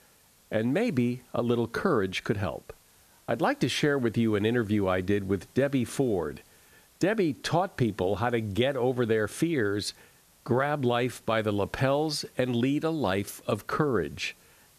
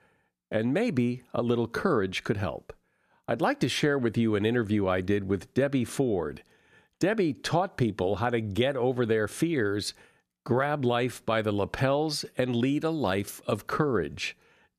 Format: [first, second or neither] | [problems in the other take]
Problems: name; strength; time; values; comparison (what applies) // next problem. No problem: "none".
second | hiss; faint; throughout; 30 dB below the speech